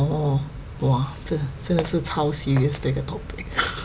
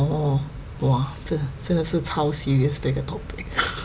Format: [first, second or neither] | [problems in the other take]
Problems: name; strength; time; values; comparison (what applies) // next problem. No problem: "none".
second | background sound (Walk, footsteps); 16 dB below the speech